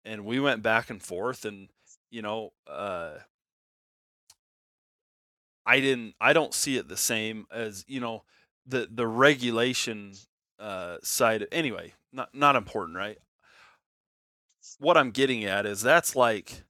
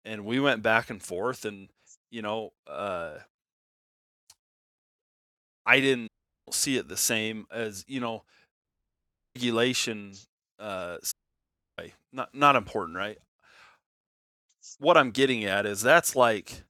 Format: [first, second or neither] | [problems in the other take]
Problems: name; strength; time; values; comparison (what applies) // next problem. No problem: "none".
first | audio cutting out; at 6 s, at 8.5 s for 0.5 s and at 11 s for 0.5 s